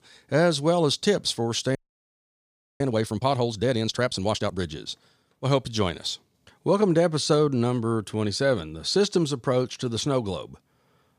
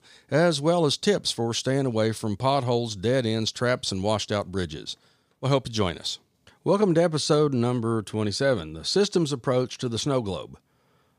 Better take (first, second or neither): second